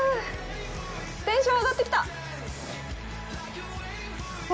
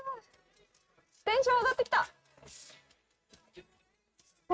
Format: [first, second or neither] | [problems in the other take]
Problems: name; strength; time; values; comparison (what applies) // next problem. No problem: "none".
first | noise reduction (neural mask model RNNoise)